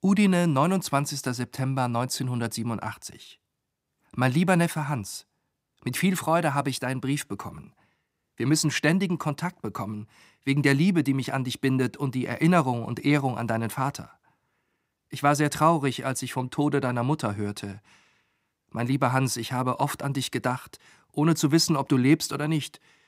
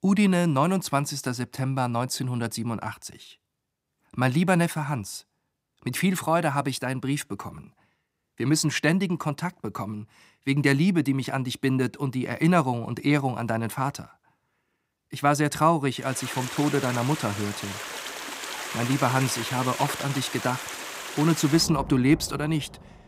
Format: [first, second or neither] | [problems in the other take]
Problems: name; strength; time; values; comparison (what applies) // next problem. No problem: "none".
first | rain or running water; loud; from 16 s on; 8 dB below the speech